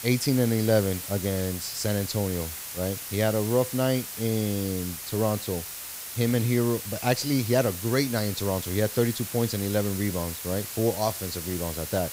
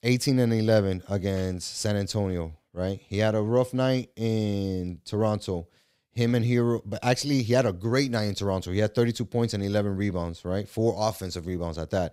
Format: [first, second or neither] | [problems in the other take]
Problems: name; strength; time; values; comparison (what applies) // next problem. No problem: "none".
second | hiss; loud; throughout; 7 dB below the speech